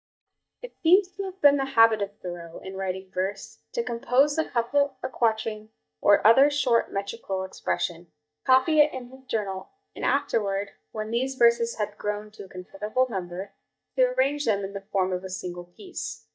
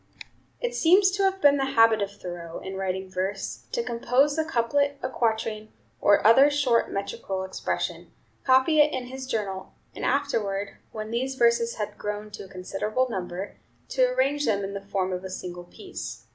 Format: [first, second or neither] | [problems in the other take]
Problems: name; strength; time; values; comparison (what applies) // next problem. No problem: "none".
second | noise reduction (neural mask model DeepFilterNet 3)